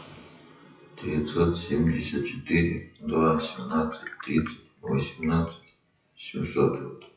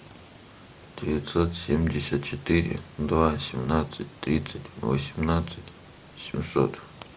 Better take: second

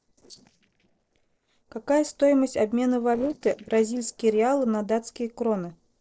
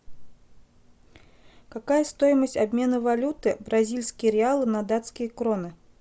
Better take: second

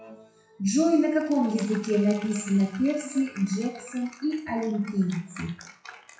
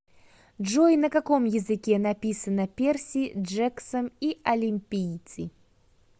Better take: second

